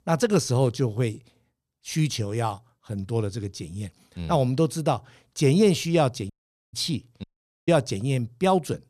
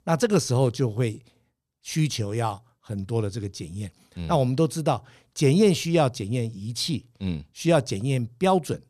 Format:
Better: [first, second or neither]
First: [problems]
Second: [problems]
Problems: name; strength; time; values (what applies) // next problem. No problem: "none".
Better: second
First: audio cutting out; at 6.5 s and at 7 s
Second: none